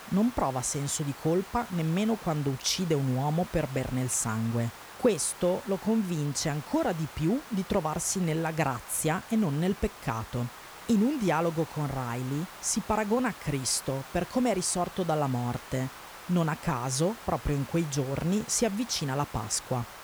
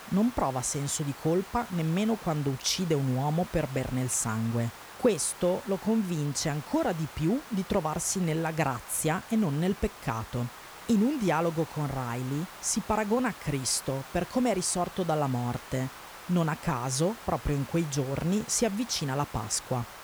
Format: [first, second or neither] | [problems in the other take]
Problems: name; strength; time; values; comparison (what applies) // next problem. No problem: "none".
neither | hiss; noticeable; throughout; 15 dB below the speech; the same in both